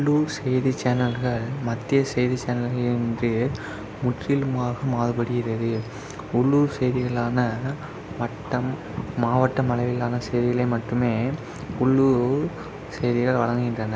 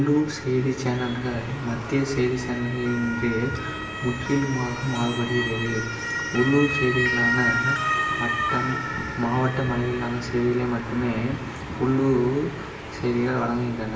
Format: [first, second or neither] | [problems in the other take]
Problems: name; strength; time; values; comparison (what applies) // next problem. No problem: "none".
first | background sound (Motor vehicle (road) / Siren); 5 dB below the speech // room echo; dies away in 0.9 s